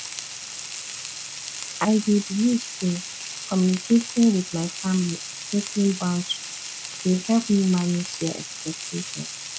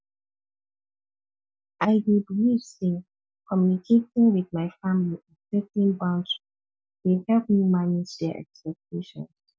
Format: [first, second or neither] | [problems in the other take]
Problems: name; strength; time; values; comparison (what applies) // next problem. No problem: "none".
second | background sound (Frying (food)); 10 dB below the speech